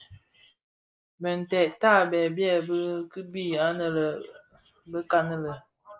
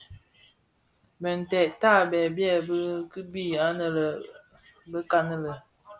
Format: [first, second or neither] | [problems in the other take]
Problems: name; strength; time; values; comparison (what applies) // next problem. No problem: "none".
second | noise reduction (neural mask model Resemble Enhance denoiser)